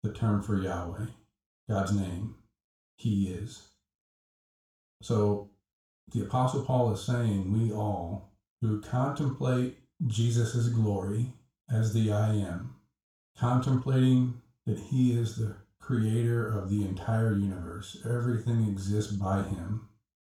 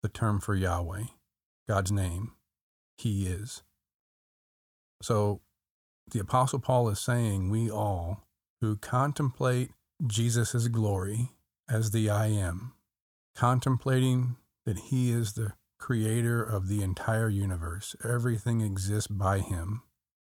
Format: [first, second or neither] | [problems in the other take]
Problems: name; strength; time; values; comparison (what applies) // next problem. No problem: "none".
second | room echo; noticeable; dies away in 0.4 s // off-mic speech; far